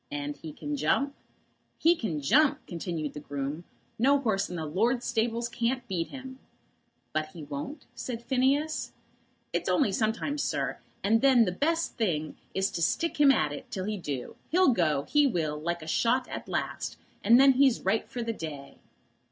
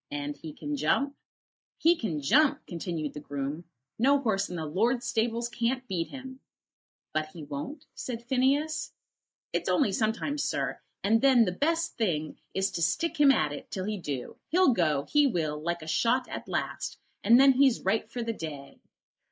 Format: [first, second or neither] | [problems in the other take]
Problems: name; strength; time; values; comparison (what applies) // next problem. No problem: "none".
first | noise reduction (neural mask model Resemble Enhance denoiser)